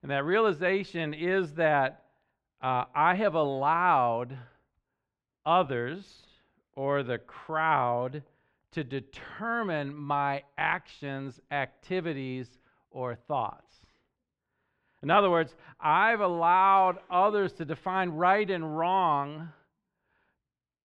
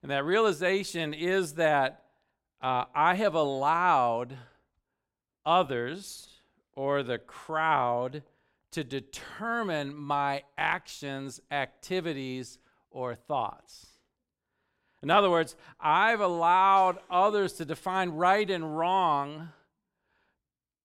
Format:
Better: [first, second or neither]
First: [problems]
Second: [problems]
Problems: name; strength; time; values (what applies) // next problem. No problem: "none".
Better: second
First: muffled; slightly; fading above 2.5 kHz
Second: none